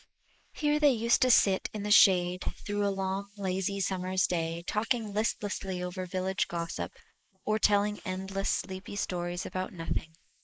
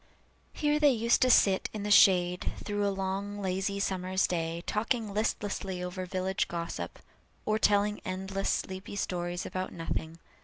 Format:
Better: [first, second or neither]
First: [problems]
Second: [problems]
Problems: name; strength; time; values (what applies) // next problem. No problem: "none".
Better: second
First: noise reduction (neural mask model Resemble Enhance denoiser)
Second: none